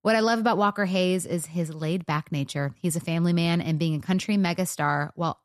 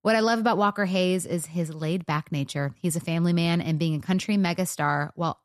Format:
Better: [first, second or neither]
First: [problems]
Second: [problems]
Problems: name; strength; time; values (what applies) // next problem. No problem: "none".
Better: neither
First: none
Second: none